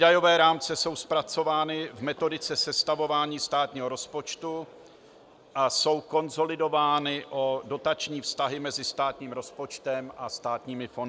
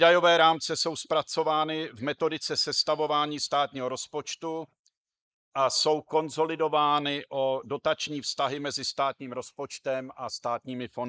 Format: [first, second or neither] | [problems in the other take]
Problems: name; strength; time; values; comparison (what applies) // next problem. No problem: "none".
first | noise reduction (neural mask model Resemble Enhance denoiser)